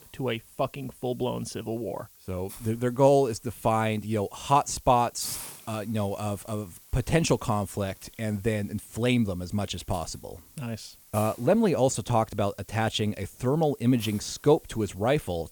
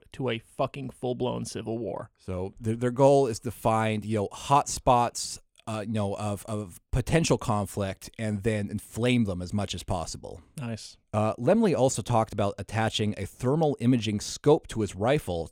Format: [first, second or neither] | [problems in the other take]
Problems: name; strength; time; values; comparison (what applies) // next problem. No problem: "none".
second | hiss; noticeable; throughout; 20 dB below the speech